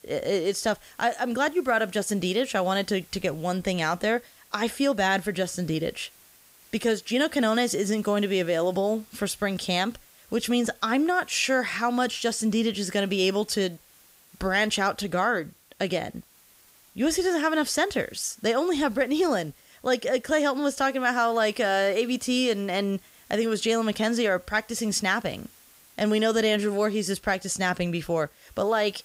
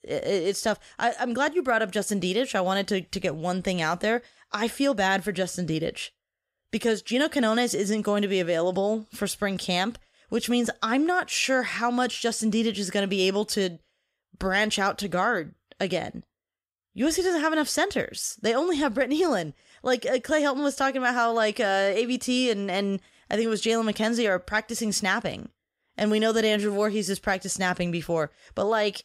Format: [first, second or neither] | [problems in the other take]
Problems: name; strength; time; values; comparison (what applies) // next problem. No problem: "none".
second | hiss; faint; throughout; 25 dB below the speech